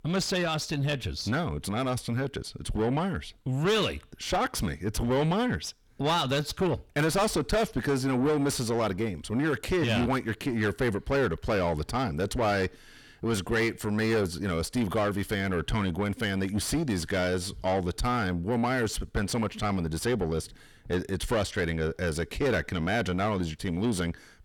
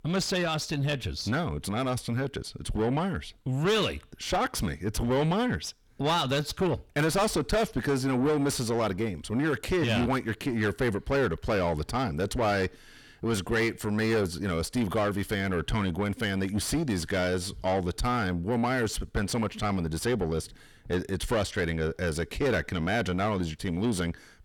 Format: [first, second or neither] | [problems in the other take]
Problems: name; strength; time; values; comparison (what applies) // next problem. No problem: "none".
neither | distortion; heavy; 6 dB below the speech; the same in both